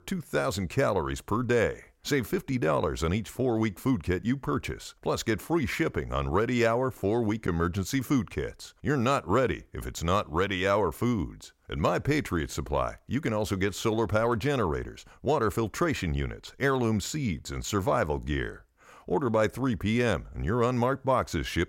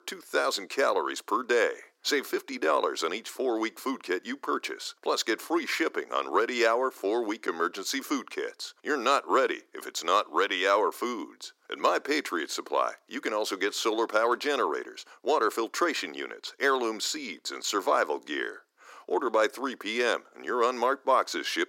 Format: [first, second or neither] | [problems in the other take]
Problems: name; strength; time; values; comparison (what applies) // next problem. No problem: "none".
first | thin; somewhat; fading below 300 Hz